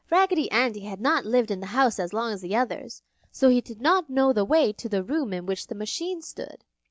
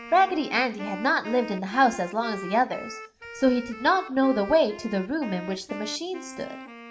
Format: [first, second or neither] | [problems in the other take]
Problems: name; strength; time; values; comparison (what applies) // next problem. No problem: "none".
first | background sound (Wind instrument, woodwind instrument); 14 dB below the speech // room echo; dies away in 0.6 s